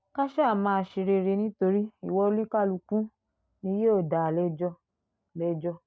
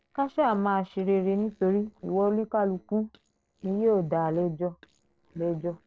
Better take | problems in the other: first | noise reduction (neural separator model SepFormer DNS4)

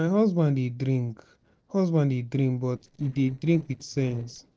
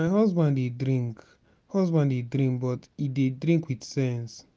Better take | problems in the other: second | noise reduction (neural separator model SepFormer DNS4)

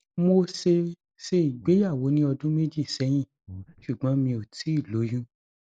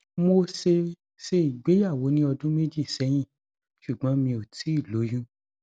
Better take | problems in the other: second | noise reduction (neural mask model Resemble Enhance denoiser)

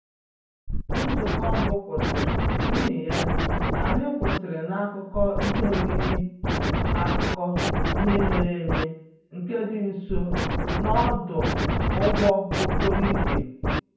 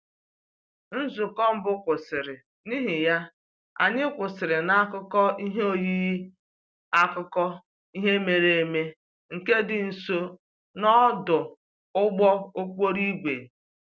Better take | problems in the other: second | background sound (Scratching (performance technique)); 4 dB above the speech // room echo; dies away in 0.9 s

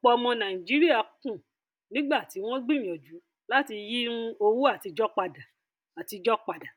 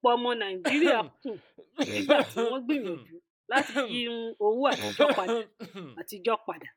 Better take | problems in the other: first | noise reduction (neural mask model Resemble Enhance denoiser)

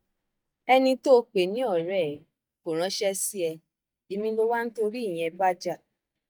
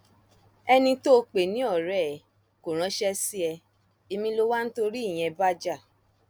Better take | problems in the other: second | noise reduction (neural mask model DeepFilterNet 3)

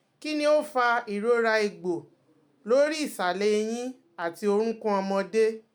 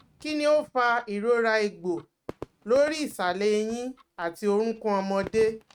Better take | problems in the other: first | noise reduction (neural mask model RNNoise)

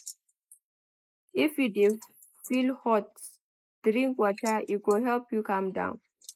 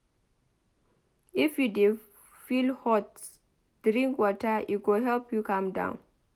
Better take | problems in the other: second | noise reduction (neural mask model Resemble Enhance denoiser)

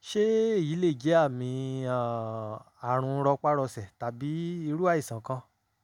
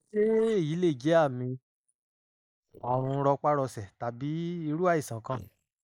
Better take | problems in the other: first | noise reduction (neural mask model Resemble Enhance denoiser)

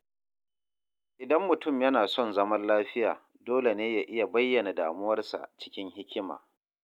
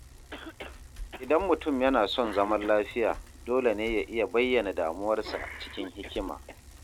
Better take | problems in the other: first | background sound (Bicycle + Cough); 15 dB below the speech

